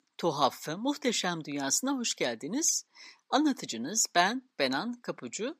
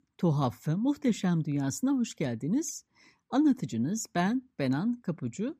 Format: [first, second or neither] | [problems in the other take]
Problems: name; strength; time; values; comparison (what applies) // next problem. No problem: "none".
second | thin; somewhat; fading below 500 Hz